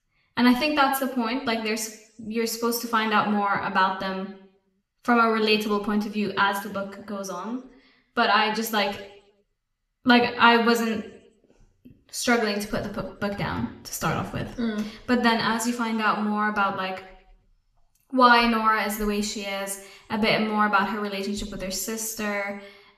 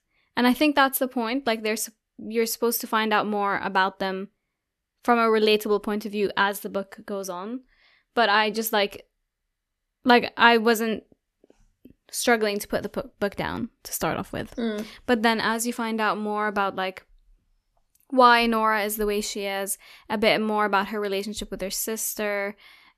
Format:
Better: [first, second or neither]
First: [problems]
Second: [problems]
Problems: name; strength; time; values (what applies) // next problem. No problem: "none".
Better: second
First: room echo; slight; dies away in 0.7 s // off-mic speech; somewhat distant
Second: none